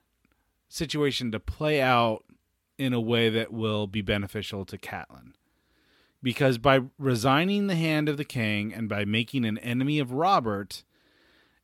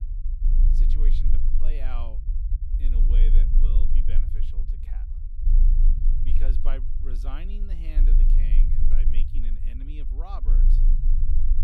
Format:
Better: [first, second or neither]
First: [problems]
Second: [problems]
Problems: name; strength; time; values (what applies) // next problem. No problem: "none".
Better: first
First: none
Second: low rumble; loud; throughout; 3 dB below the speech